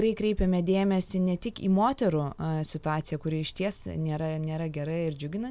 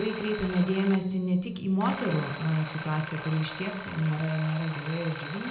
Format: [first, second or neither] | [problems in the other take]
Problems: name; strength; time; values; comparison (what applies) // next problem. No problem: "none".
first | background sound (Alarm); 11 dB below the speech // room echo; dies away in 0.8 s